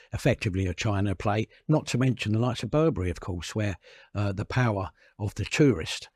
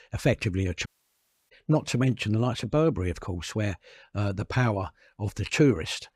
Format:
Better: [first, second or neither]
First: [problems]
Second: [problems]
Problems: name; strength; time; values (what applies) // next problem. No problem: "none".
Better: first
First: none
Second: audio cutting out; at 1 s for 0.5 s